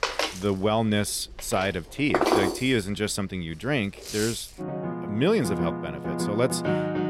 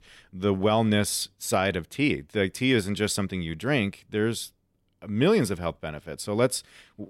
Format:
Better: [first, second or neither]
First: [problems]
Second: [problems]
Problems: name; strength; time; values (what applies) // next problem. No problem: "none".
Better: second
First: background music; loud; throughout; 2 dB below the speech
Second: none